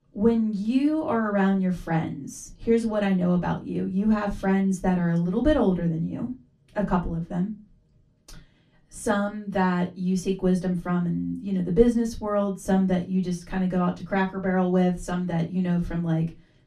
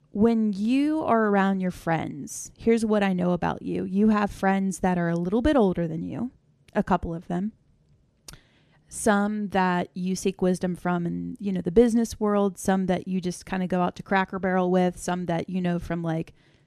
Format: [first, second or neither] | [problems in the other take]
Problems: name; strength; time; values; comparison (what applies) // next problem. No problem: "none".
second | off-mic speech; far // room echo; very slight; dies away in 0.2 s